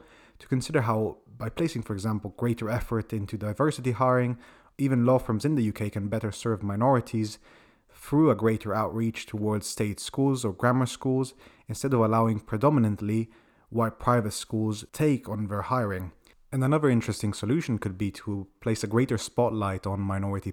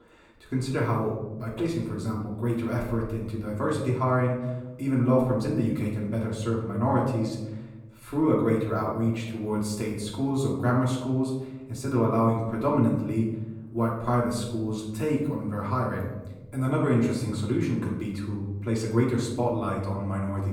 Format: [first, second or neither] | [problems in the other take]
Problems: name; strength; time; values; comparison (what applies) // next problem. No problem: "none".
first | off-mic speech; far // room echo; noticeable; dies away in 1 s